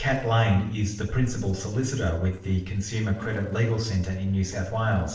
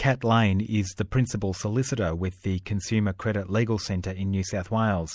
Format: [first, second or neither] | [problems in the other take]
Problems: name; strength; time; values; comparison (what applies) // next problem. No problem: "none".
second | noise reduction (neural separator model SepFormer DNS4)